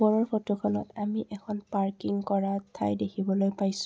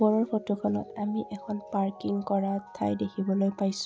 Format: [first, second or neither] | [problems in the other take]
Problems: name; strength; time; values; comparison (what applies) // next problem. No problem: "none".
first | background sound (Mallet percussion); 19 dB below the speech